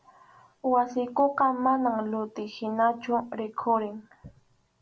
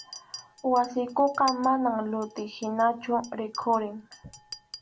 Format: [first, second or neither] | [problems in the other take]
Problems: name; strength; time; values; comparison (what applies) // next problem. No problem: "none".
first | background sound (Chink, clink); 18 dB below the speech